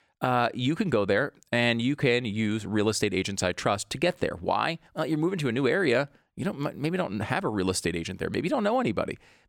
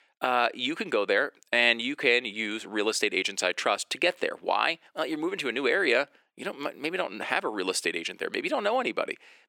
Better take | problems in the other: first | thin; somewhat; fading below 350 Hz

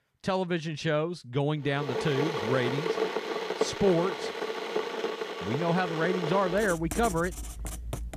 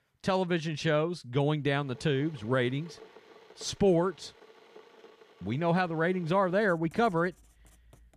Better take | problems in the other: second | household noises; loud; from 2 s on; 4 dB below the speech; faint in the second

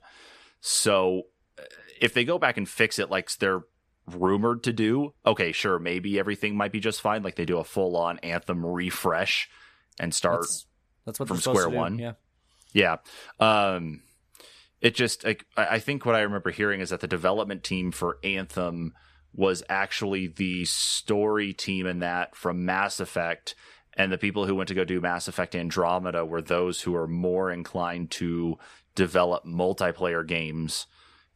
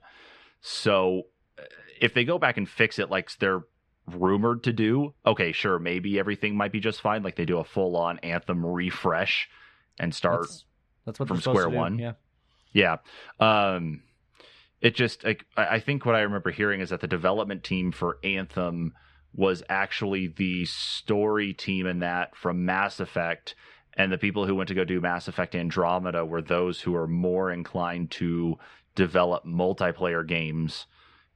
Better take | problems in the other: first | muffled; very slightly; fading above 3 kHz

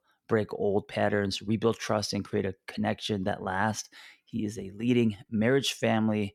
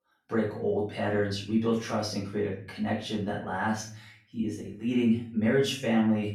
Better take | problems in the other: first | off-mic speech; far // room echo; noticeable; dies away in 0.4 s

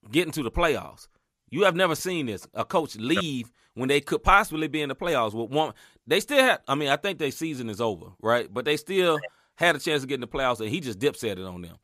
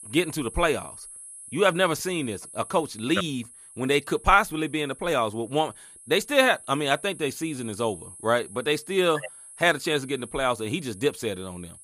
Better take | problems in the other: first | high-pitched whine; noticeable; throughout; 10.5 kHz, 15 dB below the speech

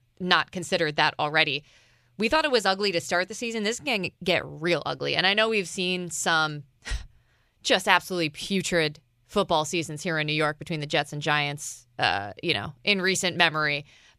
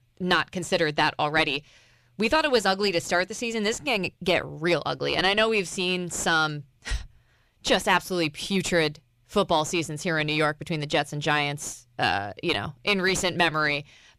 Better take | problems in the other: first | distortion; slight; 10 dB below the speech

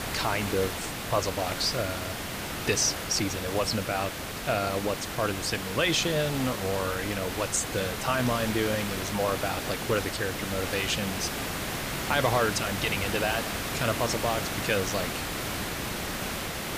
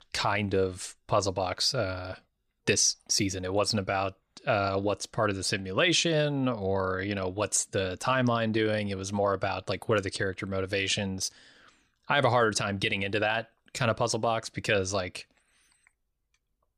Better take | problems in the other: second | hiss; loud; throughout; 3 dB below the speech

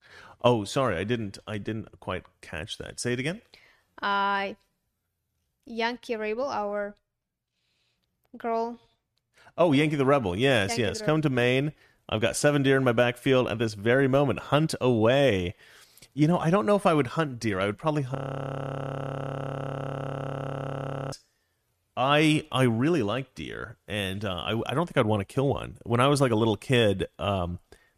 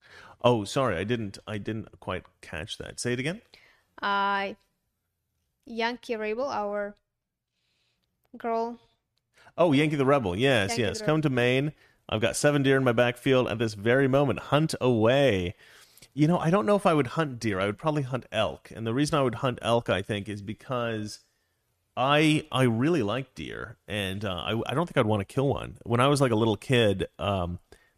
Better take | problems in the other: second | audio freezing; at 18 s for 3 s

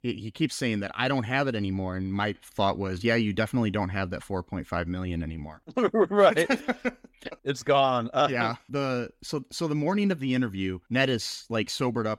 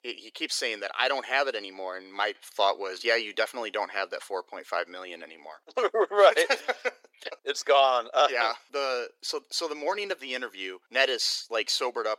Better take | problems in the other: first | thin; very; fading below 400 Hz

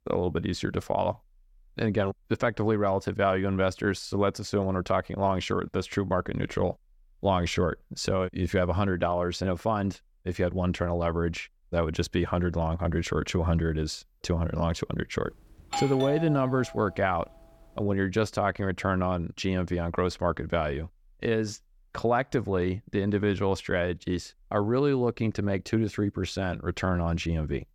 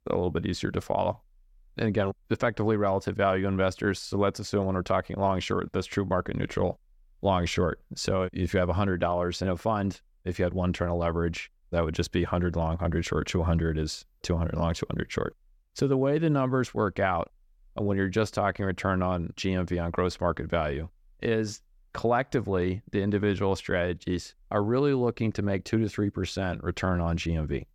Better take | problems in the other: second | doorbell; noticeable; from 16 to 17 s; peak 4 dB below the speech

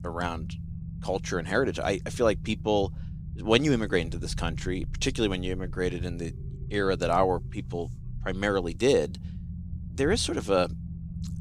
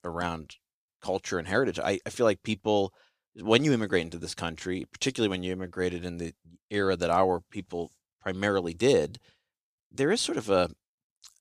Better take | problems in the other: second | low rumble; faint; throughout; 20 dB below the speech

